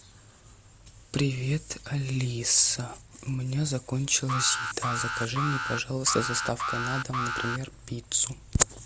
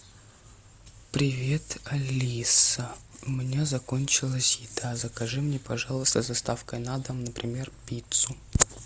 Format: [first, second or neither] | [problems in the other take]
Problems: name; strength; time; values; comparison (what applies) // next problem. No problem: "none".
second | background sound (Alarm); 3 dB below the speech